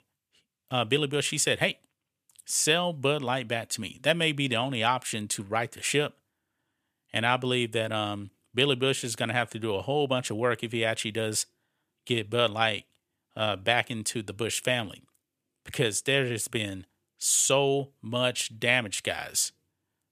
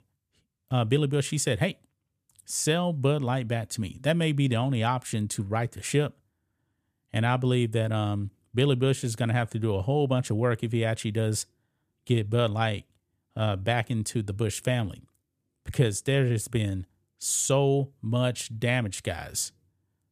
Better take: second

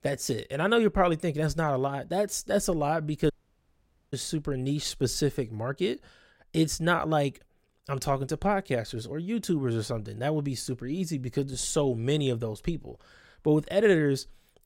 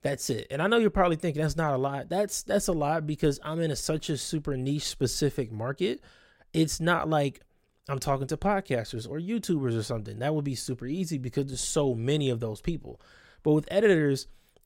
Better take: second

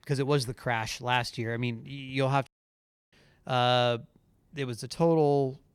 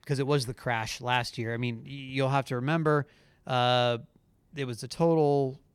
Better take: second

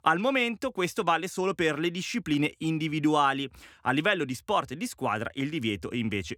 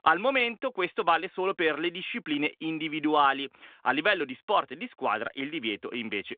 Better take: first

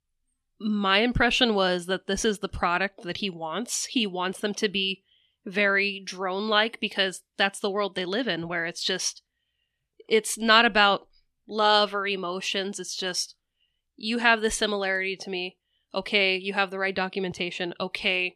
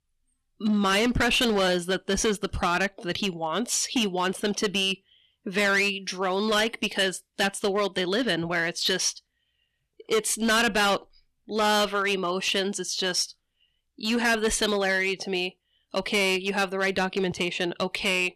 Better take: first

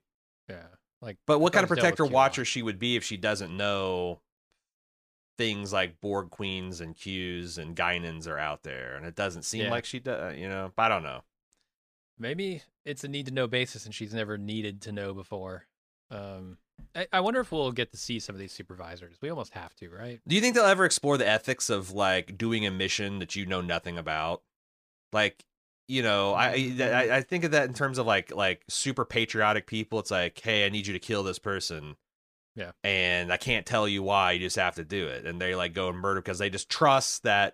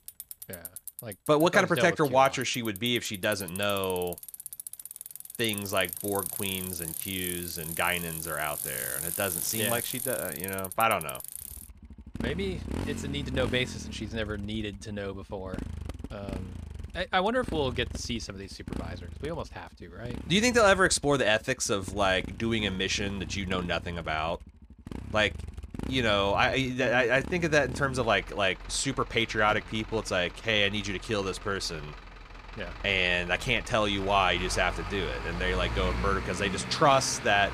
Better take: first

